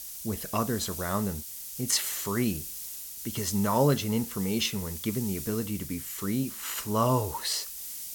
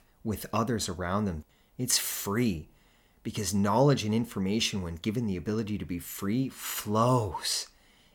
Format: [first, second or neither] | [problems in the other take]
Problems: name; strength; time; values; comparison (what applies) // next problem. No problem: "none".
second | hiss; loud; throughout; 7 dB below the speech